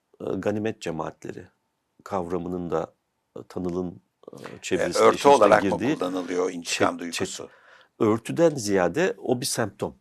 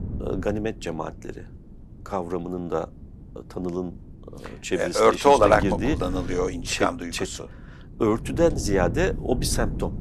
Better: first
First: none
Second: wind noise on the microphone; occasional gusts; 20 dB below the speech

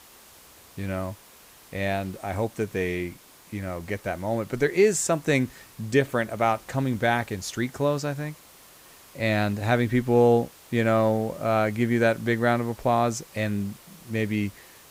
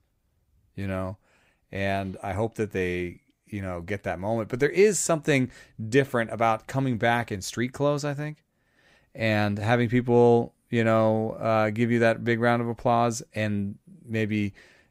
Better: second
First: hiss; faint; throughout; 25 dB below the speech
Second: none

